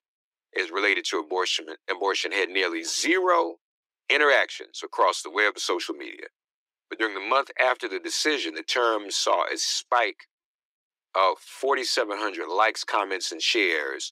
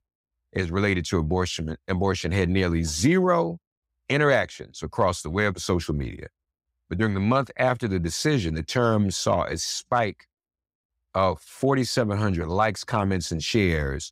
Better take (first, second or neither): second